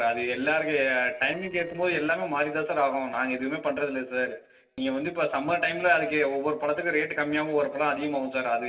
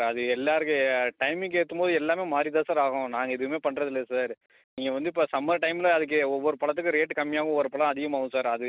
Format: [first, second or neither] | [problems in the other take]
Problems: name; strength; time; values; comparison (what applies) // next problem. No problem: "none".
second | noise reduction (neural separator model SepFormer DNS4)